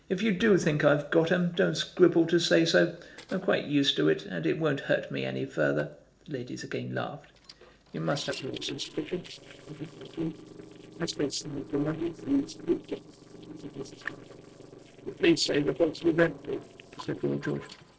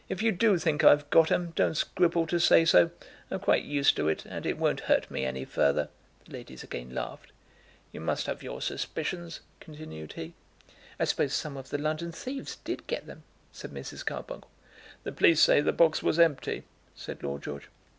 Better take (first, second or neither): second